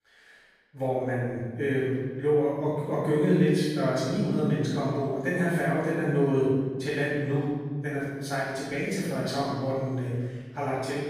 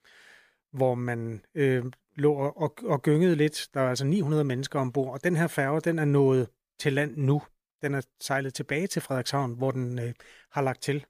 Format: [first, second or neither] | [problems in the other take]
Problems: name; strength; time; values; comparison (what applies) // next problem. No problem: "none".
second | off-mic speech; far // room echo; strong; dies away in 1.5 s